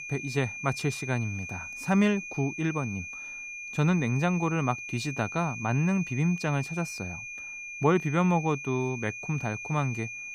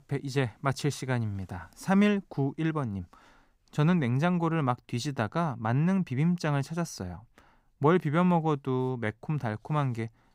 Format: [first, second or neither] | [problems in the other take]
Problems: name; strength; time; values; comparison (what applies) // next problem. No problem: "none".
second | high-pitched whine; loud; throughout; 2.5 kHz, 8 dB below the speech